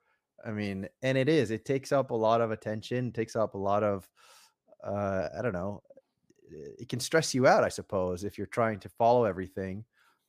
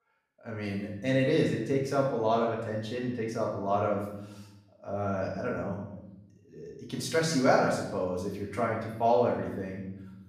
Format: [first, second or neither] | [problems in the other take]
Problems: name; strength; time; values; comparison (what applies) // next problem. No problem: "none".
first | room echo; noticeable; dies away in 0.8 s // off-mic speech; far